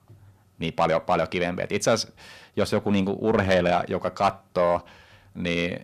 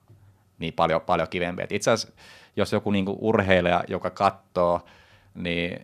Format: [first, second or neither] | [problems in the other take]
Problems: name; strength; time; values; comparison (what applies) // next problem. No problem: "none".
second | distortion; slight; 10 dB below the speech